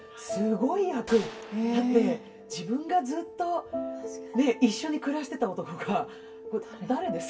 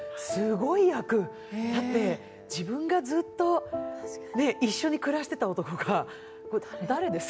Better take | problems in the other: second | background sound (Gunshot, gunfire); 16 dB below the speech // room echo; dies away in 0.1 s

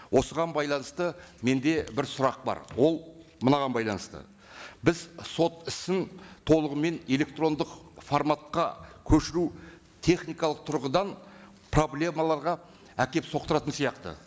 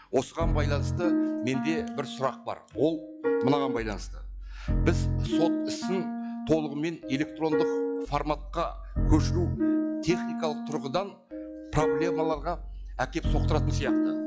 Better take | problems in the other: first | noise reduction (classical method log-MMSE)

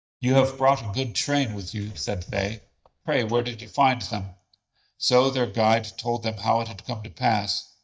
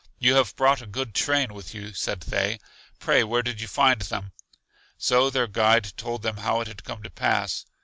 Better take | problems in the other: second | noise reduction (neural mask model DeepFilterNet 3)

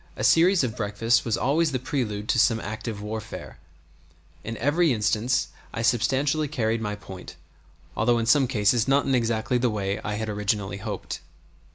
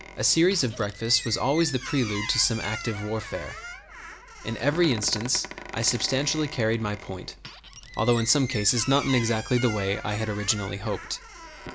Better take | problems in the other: first | background sound (Squeak); 12 dB below the speech

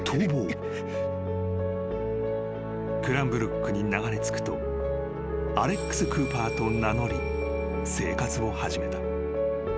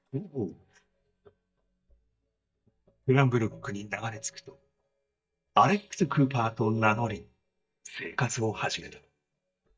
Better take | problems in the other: first | noise reduction (neural mask model DeepFilterNet 3)

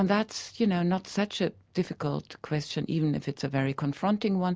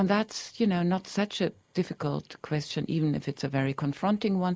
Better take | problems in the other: first | noise reduction (neural mask model Resemble Enhance denoiser)

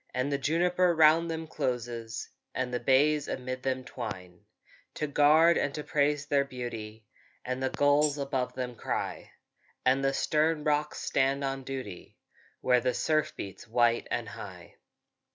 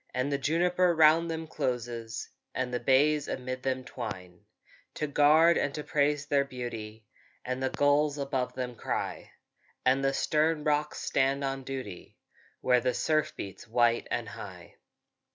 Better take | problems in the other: second | background sound (Tambourine); 11 dB below the speech

